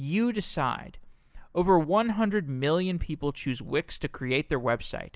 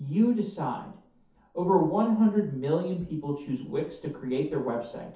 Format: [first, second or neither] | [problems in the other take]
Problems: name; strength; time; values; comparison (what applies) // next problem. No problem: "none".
first | room echo; dies away in 0.5 s